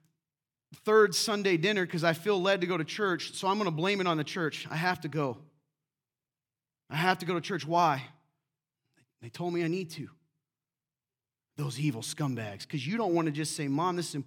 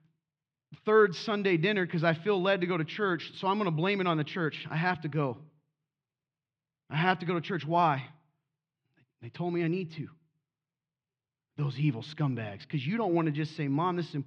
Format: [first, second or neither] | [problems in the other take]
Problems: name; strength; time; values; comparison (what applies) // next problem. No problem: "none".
first | muffled; slightly; fading above 3.5 kHz